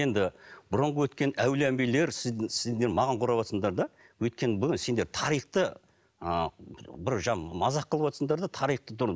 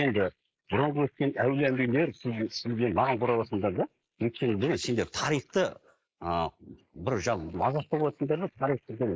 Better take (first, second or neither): first